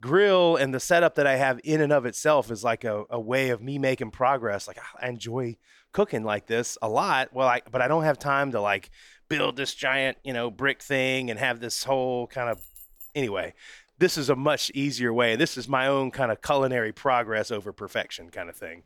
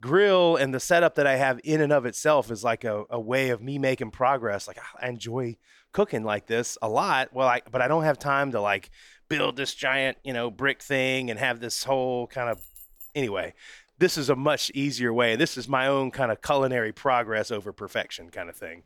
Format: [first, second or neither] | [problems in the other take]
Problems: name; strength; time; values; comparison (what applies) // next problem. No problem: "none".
neither | jangling keys; faint; at 13 s; peak 20 dB below the speech; the same in both